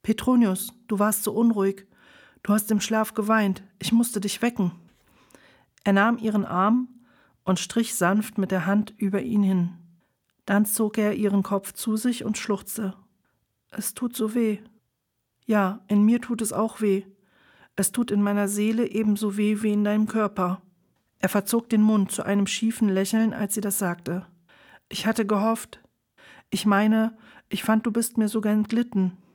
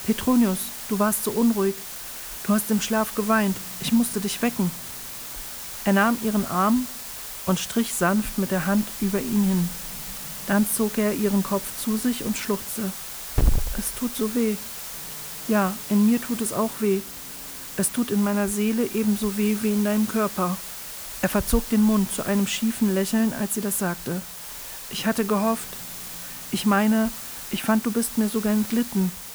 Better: first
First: none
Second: hiss; loud; throughout; 8 dB below the speech

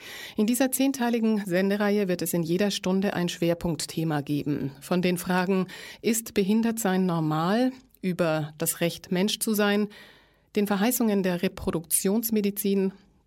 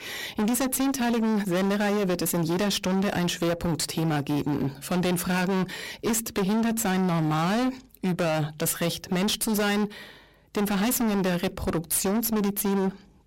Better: first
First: none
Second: distortion; heavy; 33% of the sound clipped

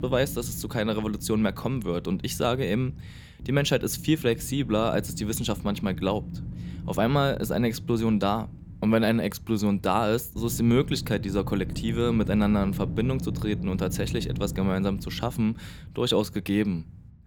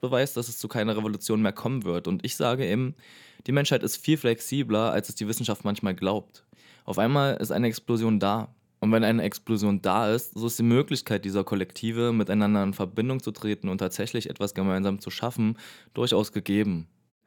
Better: second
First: wind noise on the microphone; occasional gusts; 15 dB below the speech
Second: none

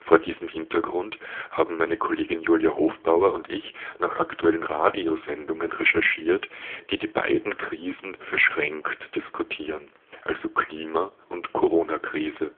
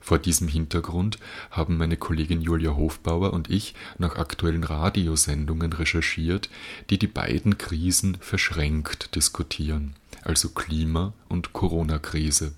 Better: second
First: phone-call audio; poor line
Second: none

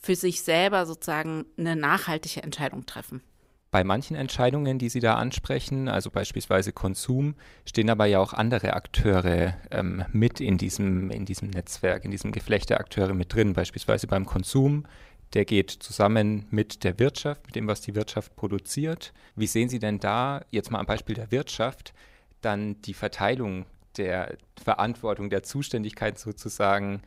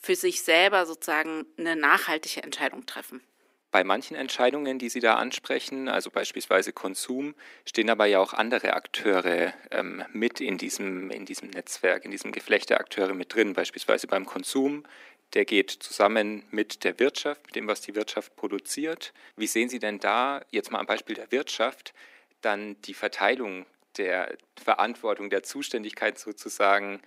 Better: first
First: none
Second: thin; somewhat; fading below 250 Hz

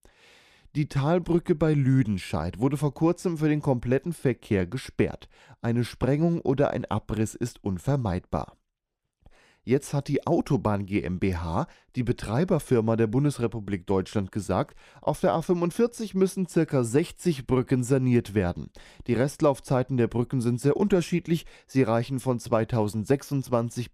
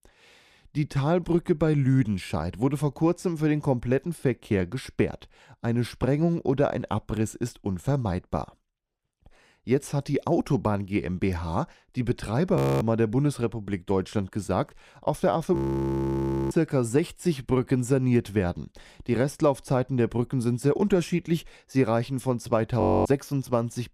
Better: first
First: none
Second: audio freezing; at 13 s, at 16 s for 1 s and at 23 s

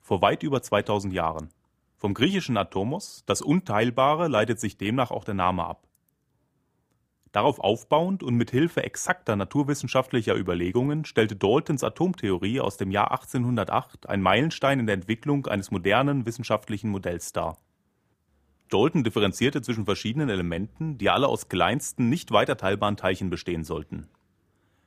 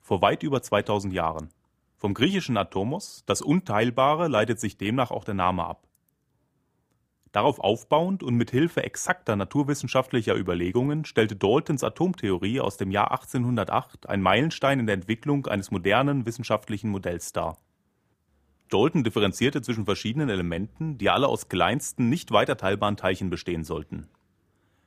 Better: neither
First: none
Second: none

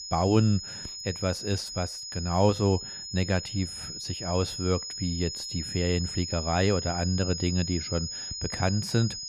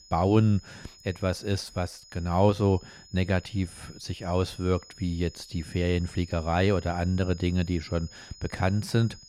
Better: second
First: high-pitched whine; loud; throughout; 5 kHz, 6 dB below the speech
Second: high-pitched whine; faint; throughout; 5 kHz, 20 dB below the speech

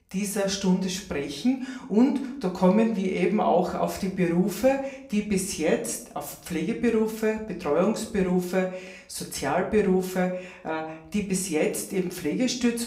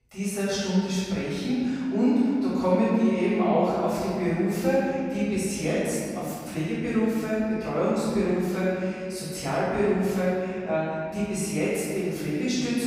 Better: first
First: room echo; slight; dies away in 0.5 s // off-mic speech; somewhat distant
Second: room echo; strong; dies away in 2.2 s // off-mic speech; far

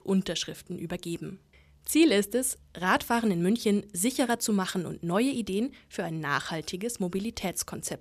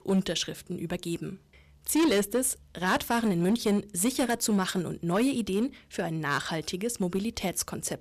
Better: first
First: none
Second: distortion; slight; 6% of the sound clipped

